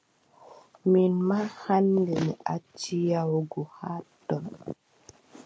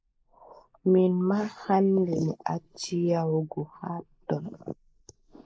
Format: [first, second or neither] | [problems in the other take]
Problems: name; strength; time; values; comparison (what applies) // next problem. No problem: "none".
first | noise reduction (neural mask model Resemble Enhance denoiser)